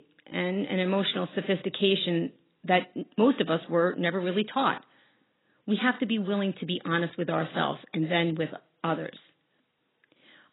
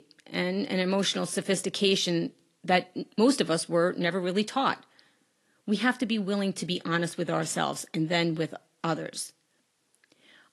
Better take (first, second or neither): second